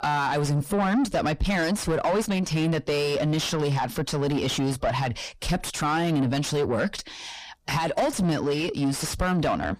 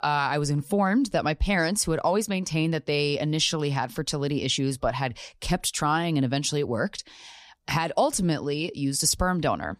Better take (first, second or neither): second